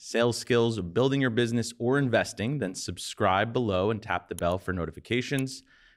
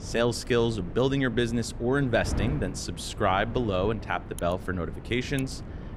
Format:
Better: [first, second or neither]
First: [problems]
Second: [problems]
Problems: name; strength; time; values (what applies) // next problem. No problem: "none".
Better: first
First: none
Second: wind noise on the microphone; occasional gusts; 15 dB below the speech